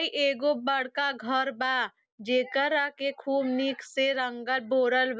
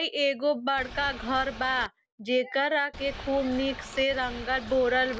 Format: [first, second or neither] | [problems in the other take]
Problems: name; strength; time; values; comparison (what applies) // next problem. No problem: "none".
first | background sound (Boat, Water vehicle); 13 dB below the speech